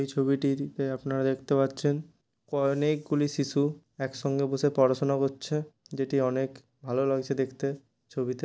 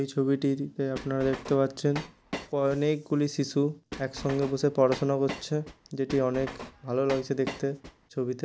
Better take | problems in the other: first | background sound (Train); 13 dB below the speech

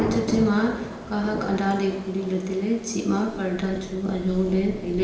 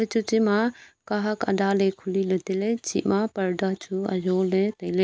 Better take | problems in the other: second | background sound (Thunder / Rain); 9 dB below the speech // room echo; dies away in 1.1 s

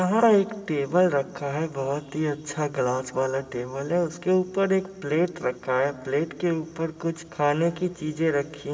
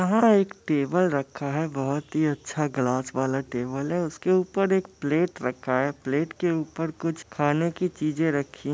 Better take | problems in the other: second | room echo; dies away in 2.3 s

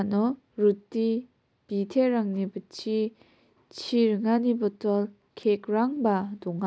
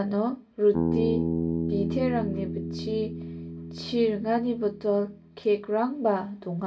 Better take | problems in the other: first | background sound (Bass guitar); 4 dB below the speech // room echo; dies away in 0.2 s

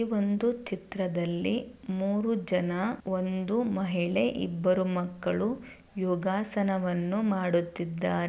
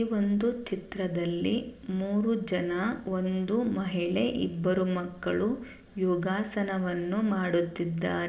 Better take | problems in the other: first | room echo; dies away in 1.5 s

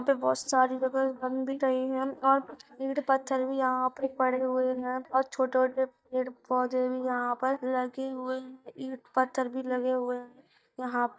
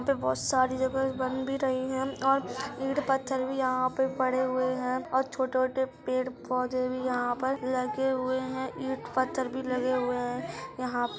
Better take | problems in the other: second | noise reduction (neural mask model DeepFilterNet 3)

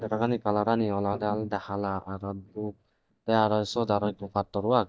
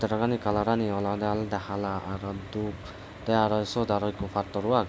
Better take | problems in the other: second | noise reduction (neural mask model DeepFilterNet 3)

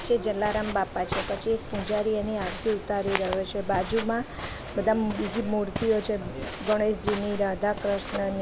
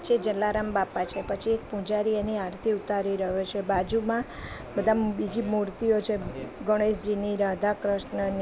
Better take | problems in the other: second | background sound (Walk, footsteps); 9 dB below the speech

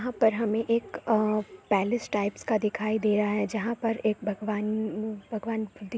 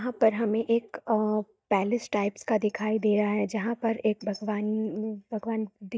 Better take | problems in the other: first | noise reduction (neural mask model DeepFilterNet 3)

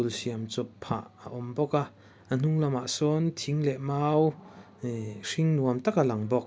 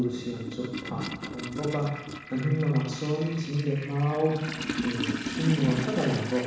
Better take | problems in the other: first | background sound (Toilet flush); 7 dB below the speech // room echo; dies away in 1.1 s

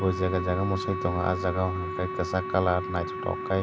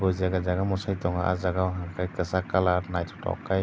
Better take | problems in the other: second | background sound (Wind instrument, woodwind instrument); 6 dB below the speech

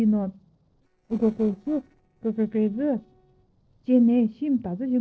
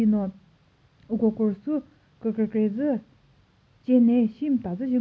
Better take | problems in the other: second | noise reduction (neural separator model SepFormer DNS4)

